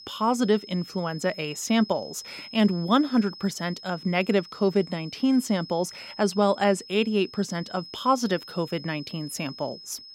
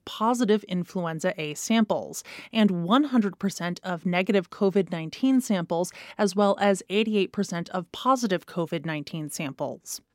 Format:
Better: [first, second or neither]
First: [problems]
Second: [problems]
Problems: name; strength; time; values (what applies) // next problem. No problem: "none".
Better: second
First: high-pitched whine; noticeable; throughout; 5 kHz, 15 dB below the speech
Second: none